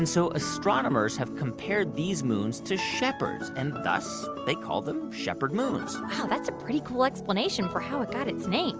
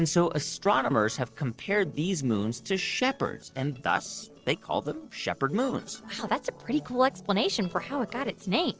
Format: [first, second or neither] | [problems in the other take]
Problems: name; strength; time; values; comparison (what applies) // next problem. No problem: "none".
first | noise reduction (neural separator model SepFormer DNS4)